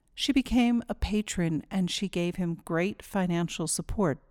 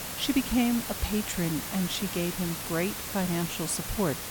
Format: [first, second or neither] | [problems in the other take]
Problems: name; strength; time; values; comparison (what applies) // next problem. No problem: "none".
first | hiss; loud; throughout; 4 dB below the speech